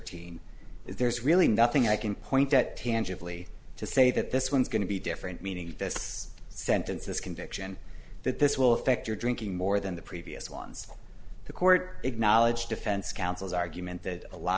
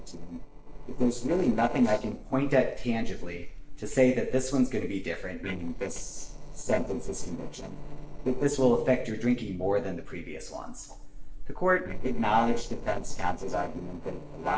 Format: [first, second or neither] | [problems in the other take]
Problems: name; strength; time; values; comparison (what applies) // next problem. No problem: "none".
first | noise reduction (neural separator model SepFormer DNS4)